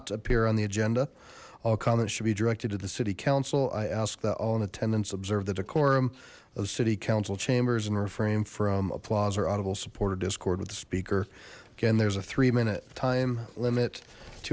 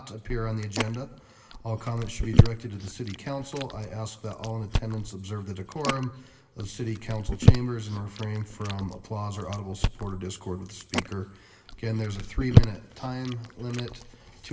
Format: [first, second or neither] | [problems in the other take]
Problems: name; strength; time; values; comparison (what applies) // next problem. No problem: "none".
first | background sound (Chewing, mastication); 5 dB above the speech // room echo; dies away in 0.9 s